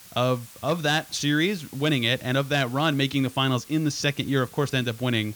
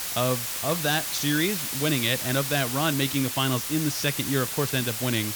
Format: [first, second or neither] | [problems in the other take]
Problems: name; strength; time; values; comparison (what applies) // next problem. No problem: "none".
first | hiss; loud; throughout; 2 dB below the speech; faint in the first